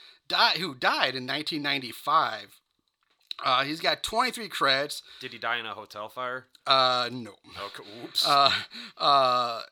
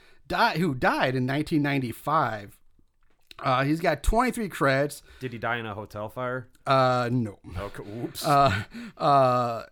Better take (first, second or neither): second